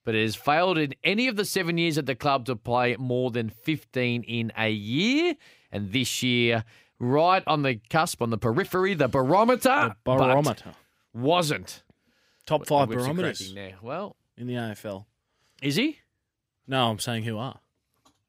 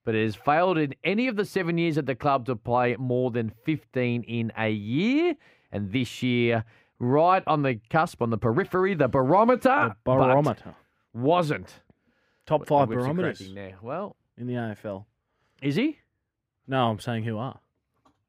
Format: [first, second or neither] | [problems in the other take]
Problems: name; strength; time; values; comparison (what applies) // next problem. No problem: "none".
first | muffled; slightly; fading above 3 kHz